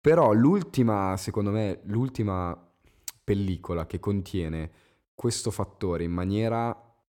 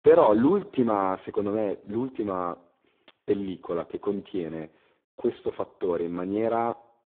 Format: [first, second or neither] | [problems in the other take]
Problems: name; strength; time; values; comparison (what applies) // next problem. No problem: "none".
first | phone-call audio; poor line; nothing above 3.5 kHz